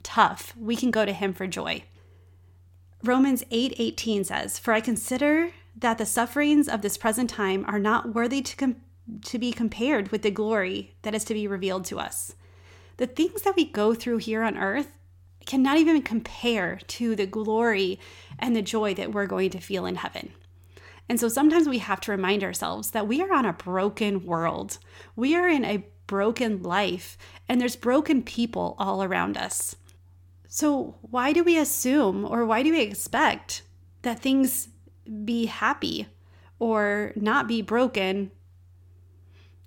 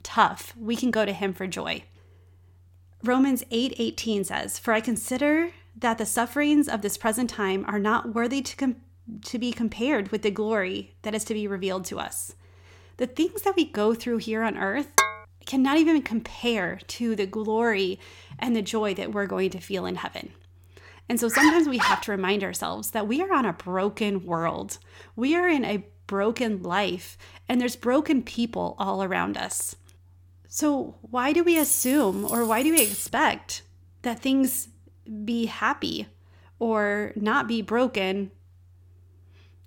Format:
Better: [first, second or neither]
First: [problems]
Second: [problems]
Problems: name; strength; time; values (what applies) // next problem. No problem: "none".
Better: first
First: none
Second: clattering dishes; loud; at 15 s; peak 4 dB above the speech // dog barking; loud; at 21 s; peak 4 dB above the speech // jangling keys; loud; from 32 to 33 s; peak 4 dB above the speech